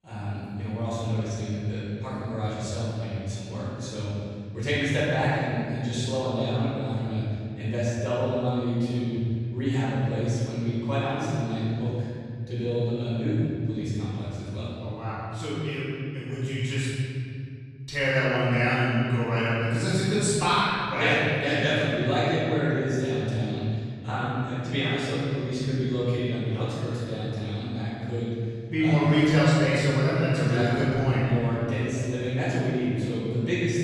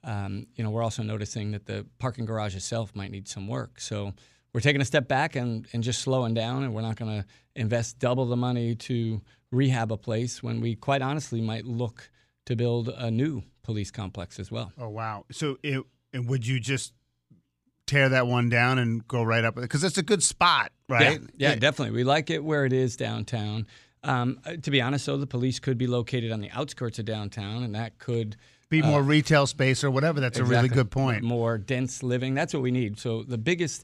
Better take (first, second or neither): second